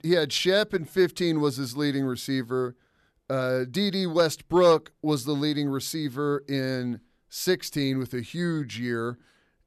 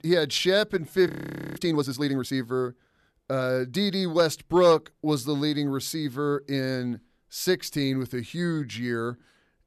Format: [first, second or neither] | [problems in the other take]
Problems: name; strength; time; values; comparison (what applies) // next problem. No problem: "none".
first | audio freezing; at 1 s